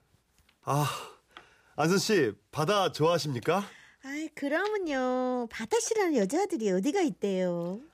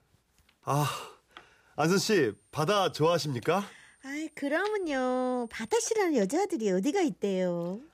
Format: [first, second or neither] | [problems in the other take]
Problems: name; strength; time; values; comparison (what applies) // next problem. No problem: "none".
first | high-pitched whine; faint; from 2 to 6 s; 9 kHz, 35 dB below the speech